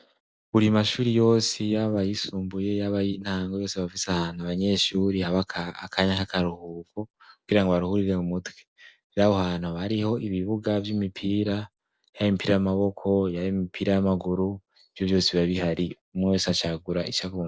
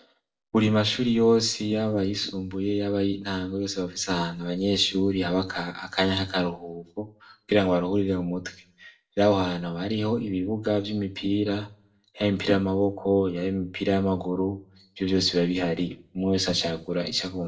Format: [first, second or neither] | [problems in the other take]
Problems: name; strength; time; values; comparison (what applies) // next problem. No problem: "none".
first | room echo; dies away in 0.3 s